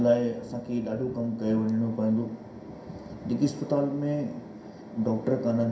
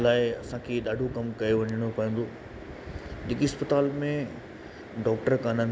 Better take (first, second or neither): second